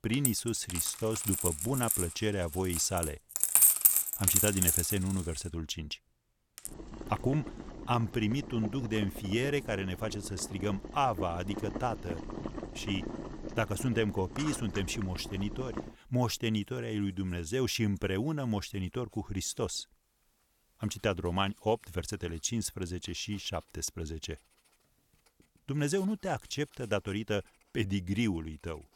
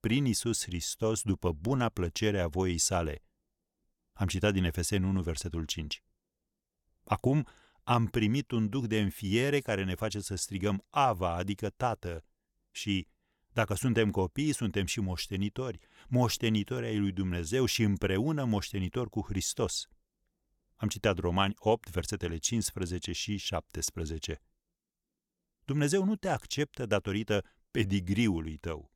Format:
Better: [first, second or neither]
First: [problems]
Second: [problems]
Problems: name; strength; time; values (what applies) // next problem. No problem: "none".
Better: second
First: household noises; very loud; throughout; 2 dB above the speech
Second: none